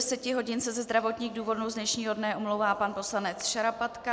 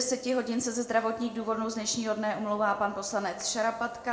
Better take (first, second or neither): first